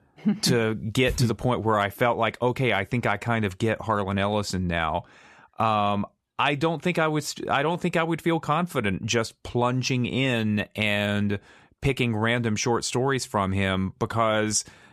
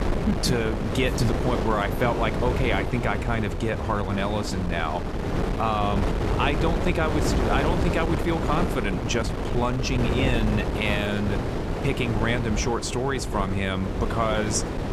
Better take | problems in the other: first | wind noise on the microphone; heavy; 4 dB below the speech

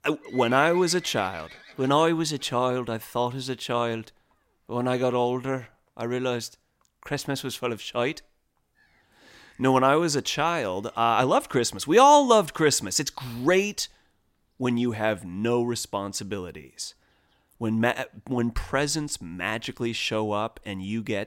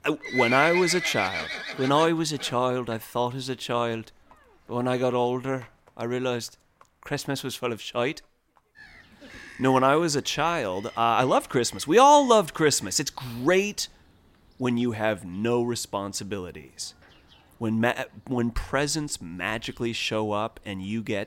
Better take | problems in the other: first | animal sounds; loud; throughout; 6 dB below the speech; faint in the first

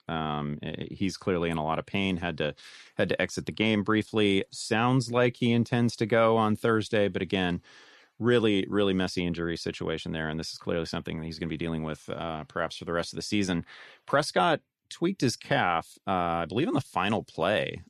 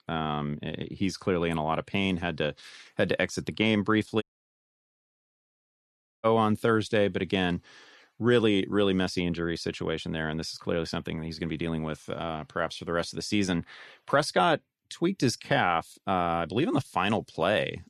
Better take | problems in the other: first | audio cutting out; at 4 s for 2 s

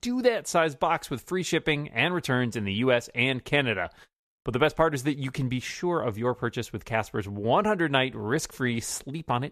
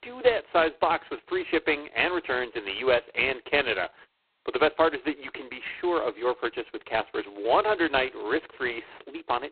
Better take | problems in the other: first | phone-call audio; poor line; nothing above 4 kHz

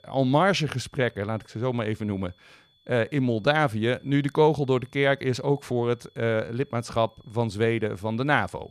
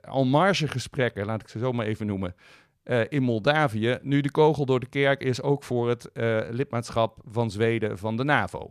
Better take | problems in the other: second | high-pitched whine; faint; throughout; 3.5 kHz, 35 dB below the speech

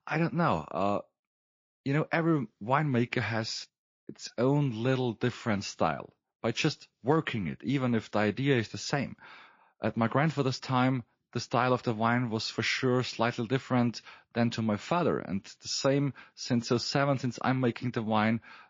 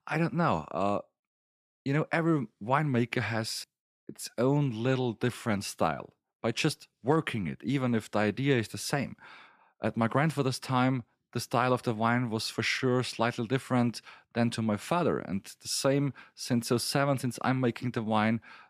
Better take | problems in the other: second | garbled, watery; slightly; nothing above 6 kHz

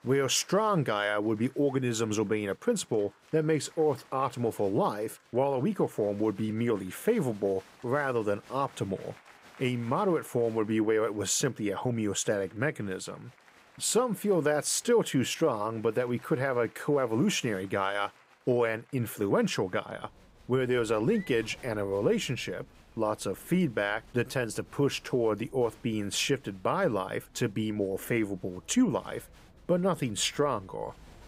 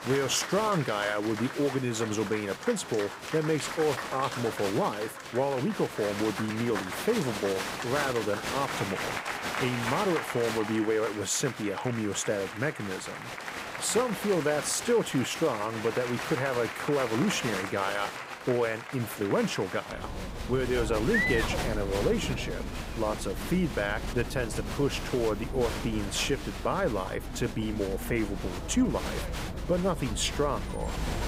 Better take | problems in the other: first | crowd noise; loud; throughout; 5 dB below the speech; faint in the first

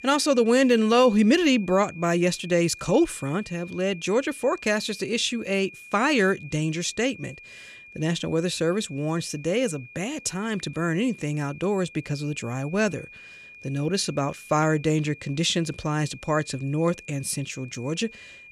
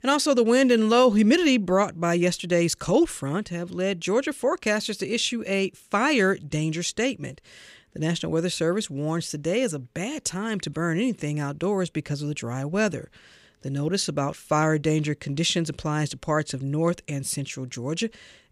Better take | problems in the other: second | high-pitched whine; noticeable; throughout; 2.5 kHz, 20 dB below the speech

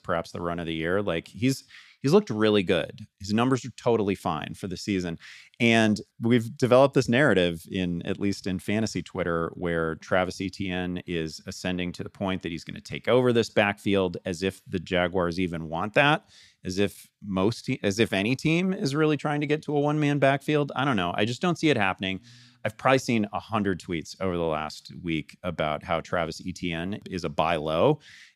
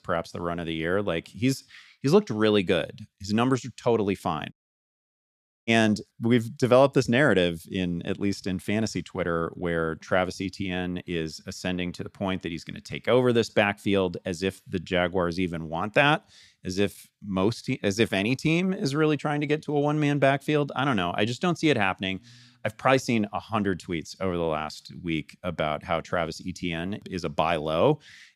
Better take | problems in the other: first | audio cutting out; at 4.5 s for 1 s

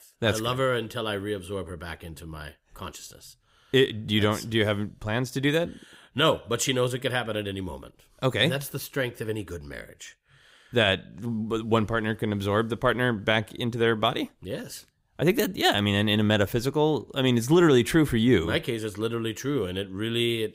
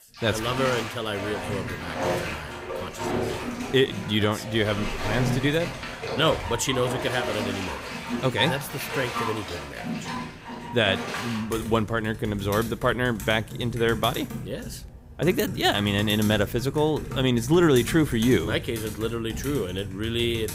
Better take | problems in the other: first | household noises; loud; throughout; 7 dB below the speech

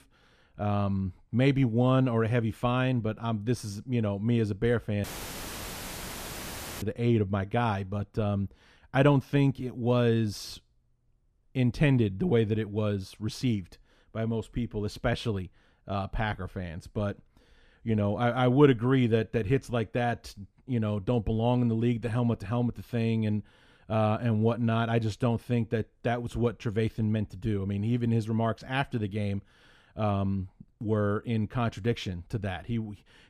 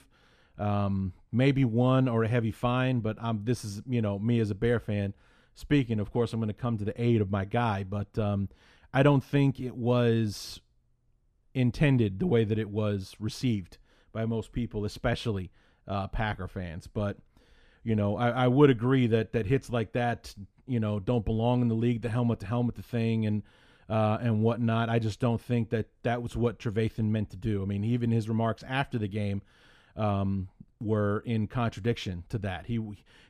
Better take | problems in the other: second | audio cutting out; filled with static; at 5 s for 2 s

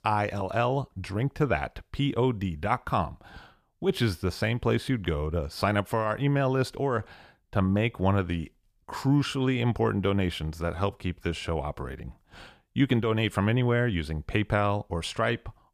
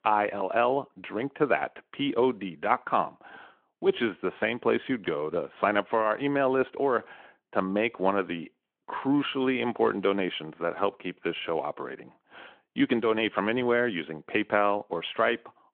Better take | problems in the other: first | phone-call audio

